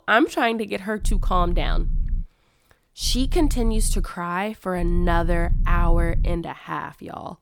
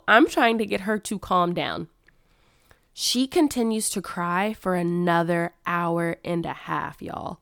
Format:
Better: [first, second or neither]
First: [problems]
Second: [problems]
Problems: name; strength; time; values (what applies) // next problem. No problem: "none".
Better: second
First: low rumble; faint; from 1 to 2 s, at 3 s and from 5 to 6.5 s; 20 dB below the speech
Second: none